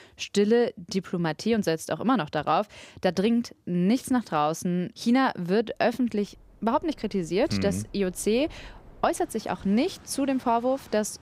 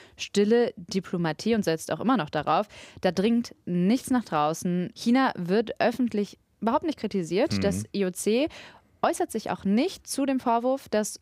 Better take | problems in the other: second | train or aircraft noise; faint; from 6 s on; 25 dB below the speech

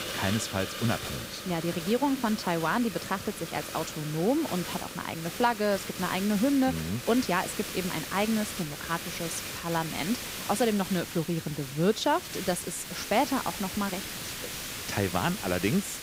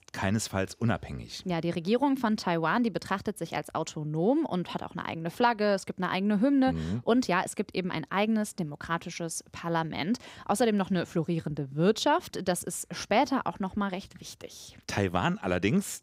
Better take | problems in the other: second | hiss; loud; throughout; 6 dB below the speech

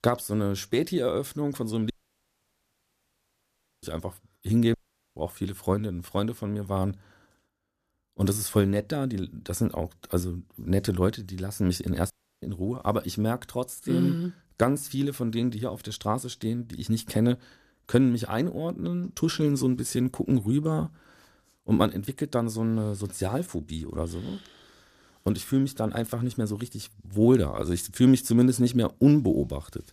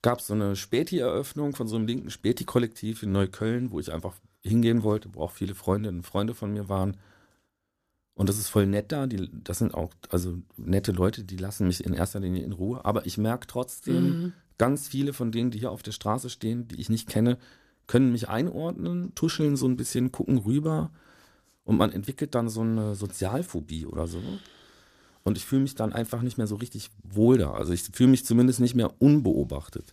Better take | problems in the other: second | audio cutting out; at 2 s for 2 s, at 4.5 s and at 12 s

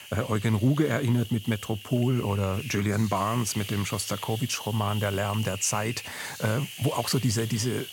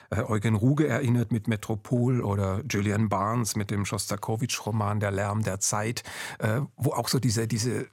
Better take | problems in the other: second | hiss; noticeable; throughout; 10 dB below the speech

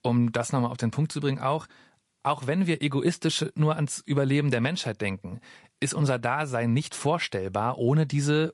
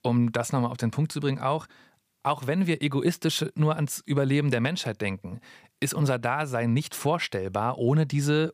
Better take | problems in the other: second | garbled, watery; slightly; nothing above 11 kHz

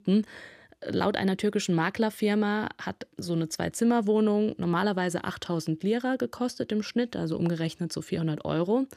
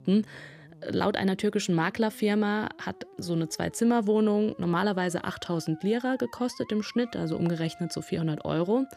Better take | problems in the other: first | background music; faint; throughout; 25 dB below the speech

